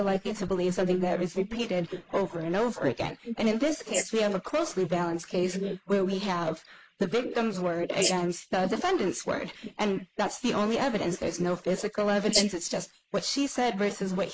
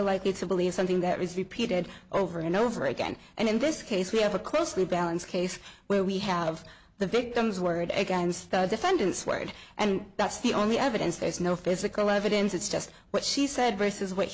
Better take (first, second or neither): second